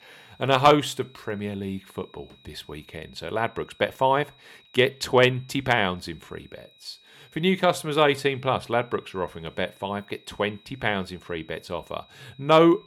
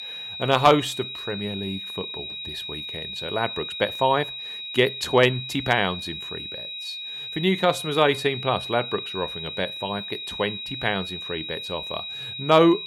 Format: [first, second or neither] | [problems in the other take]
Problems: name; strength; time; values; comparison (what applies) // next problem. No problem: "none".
first | high-pitched whine; loud; throughout; 4 kHz, 7 dB below the speech; faint in the first